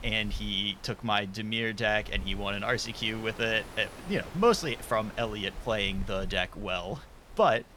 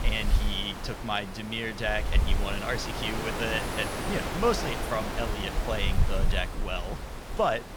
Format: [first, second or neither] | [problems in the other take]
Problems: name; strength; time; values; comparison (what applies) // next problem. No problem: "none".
first | wind noise on the microphone; heavy; 5 dB below the speech; occasional gusts in the first